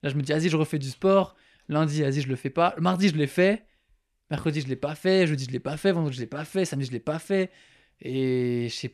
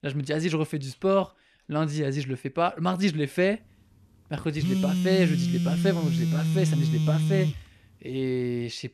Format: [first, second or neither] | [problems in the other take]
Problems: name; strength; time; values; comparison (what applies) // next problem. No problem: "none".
first | phone ringing; loud; from 4.5 to 7.5 s; peak 3 dB above the speech